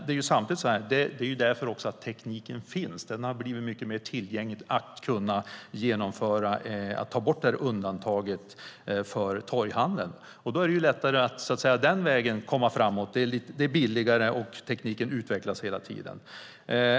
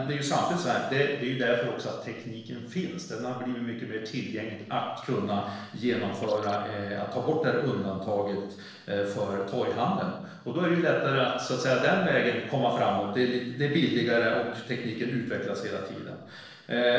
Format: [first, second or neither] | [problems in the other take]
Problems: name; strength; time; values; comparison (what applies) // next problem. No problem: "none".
first | noise reduction (neural separator model SepFormer DNS4)